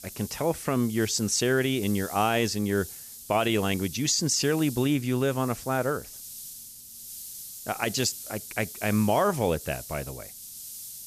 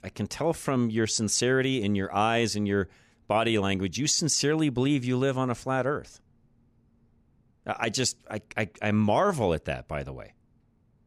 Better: second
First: hiss; noticeable; throughout; 15 dB below the speech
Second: none

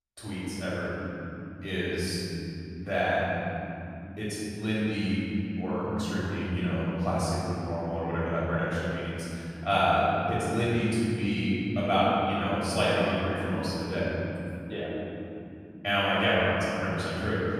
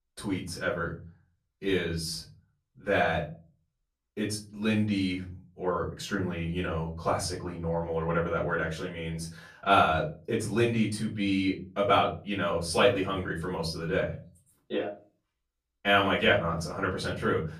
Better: second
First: room echo; strong; dies away in 3 s // off-mic speech; far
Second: room echo; slight; dies away in 0.4 s // off-mic speech; far

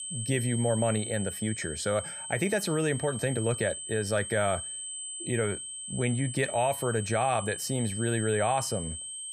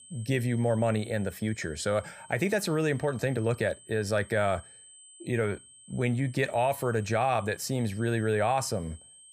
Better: second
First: high-pitched whine; loud; throughout; 8 kHz, 6 dB below the speech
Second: high-pitched whine; faint; throughout; 8 kHz, 20 dB below the speech

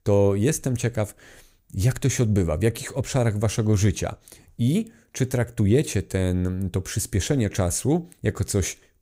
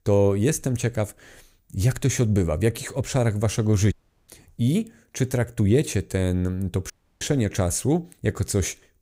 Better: first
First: none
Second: audio cutting out; at 4 s and at 7 s

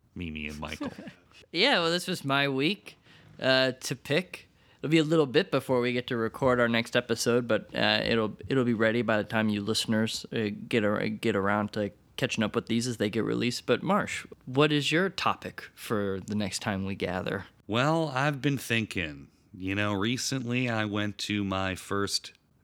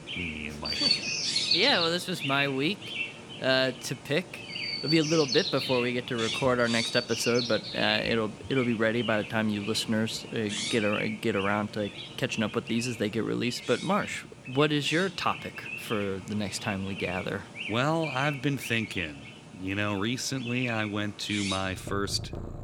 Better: first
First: none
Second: animal sounds; loud; throughout; 4 dB below the speech

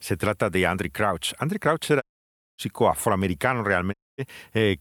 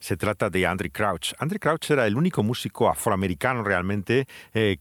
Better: second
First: audio cutting out; at 2 s for 0.5 s and at 4 s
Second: none

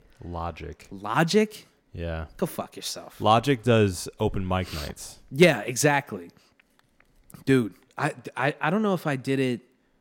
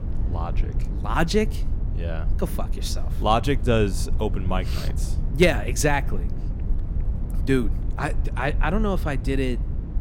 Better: first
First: none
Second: low rumble; noticeable; throughout; 15 dB below the speech

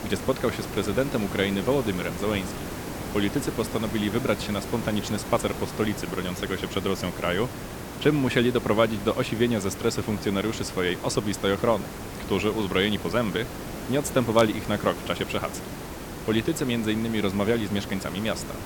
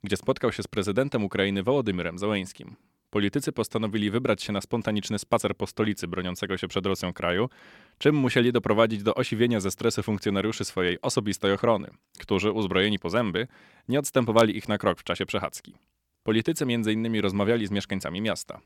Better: second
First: hiss; loud; throughout; 9 dB below the speech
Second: none

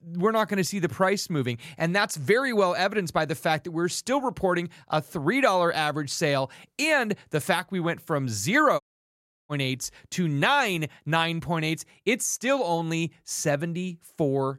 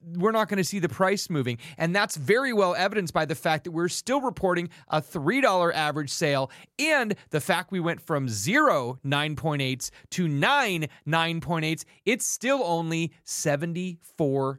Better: second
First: audio cutting out; at 9 s for 0.5 s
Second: none

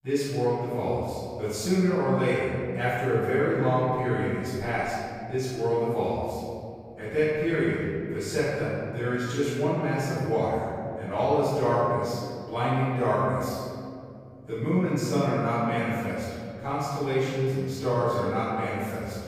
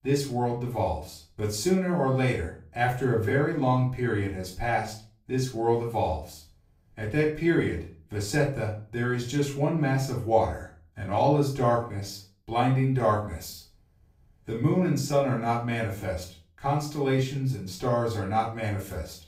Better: second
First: room echo; strong; dies away in 2.3 s // off-mic speech; far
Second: room echo; slight; dies away in 0.4 s // off-mic speech; far

